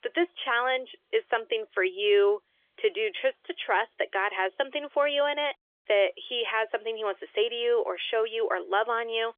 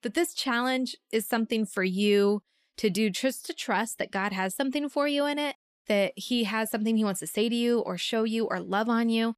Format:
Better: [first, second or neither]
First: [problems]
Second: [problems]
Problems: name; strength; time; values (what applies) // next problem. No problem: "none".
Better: second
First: phone-call audio; nothing above 3.5 kHz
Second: none